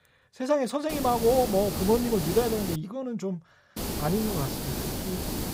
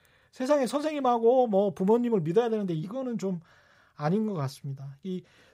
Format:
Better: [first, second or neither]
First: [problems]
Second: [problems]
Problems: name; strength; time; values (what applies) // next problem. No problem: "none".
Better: second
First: hiss; loud; from 1 to 3 s and from 4 s on; 5 dB below the speech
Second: none